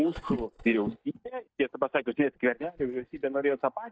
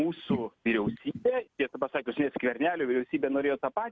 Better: second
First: noise reduction (neural mask model DeepFilterNet 3)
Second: none

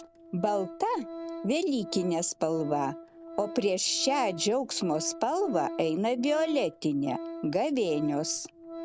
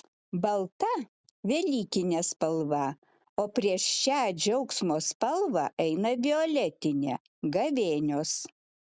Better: second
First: background sound (Organ); 12 dB below the speech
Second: none

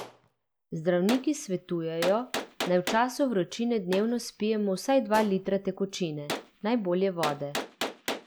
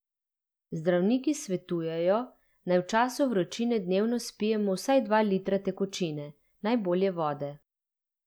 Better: second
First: background sound (Gunshot, gunfire); 10 dB below the speech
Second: none

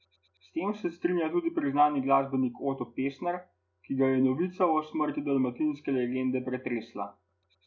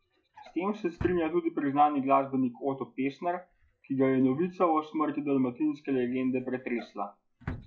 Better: first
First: none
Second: noise reduction (classical method log-MMSE)

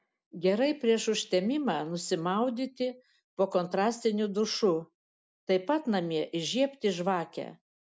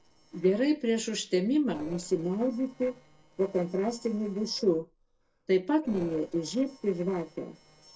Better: first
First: none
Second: noise reduction (neural separator model SepFormer DNS4)

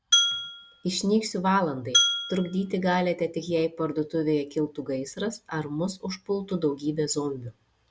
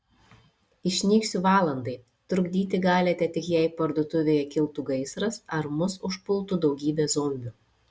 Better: second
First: background sound (Glass); as loud as the speech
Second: none

